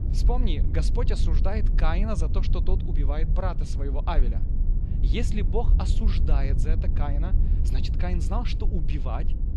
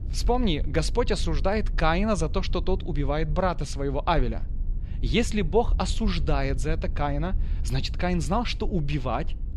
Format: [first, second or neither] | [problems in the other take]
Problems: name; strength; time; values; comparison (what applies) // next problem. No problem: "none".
second | low rumble; loud; throughout; 8 dB below the speech; faint in the second